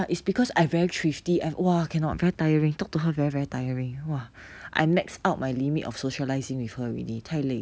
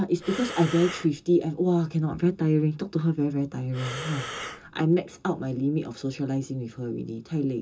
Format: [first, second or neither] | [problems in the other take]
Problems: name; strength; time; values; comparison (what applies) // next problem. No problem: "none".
first | background sound (Breathing); 10 dB below the speech // room echo; dies away in 0.2 s